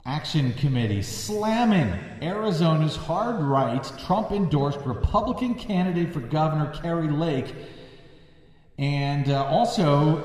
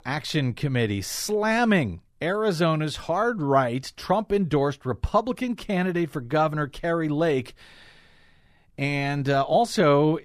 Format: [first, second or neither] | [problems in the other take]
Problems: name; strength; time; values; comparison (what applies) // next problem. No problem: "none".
second | room echo; slight; dies away in 1.9 s